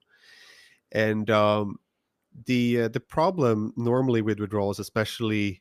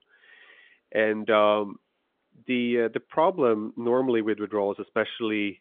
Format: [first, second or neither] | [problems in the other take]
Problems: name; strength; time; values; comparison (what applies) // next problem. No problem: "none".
first | phone-call audio; nothing above 3.5 kHz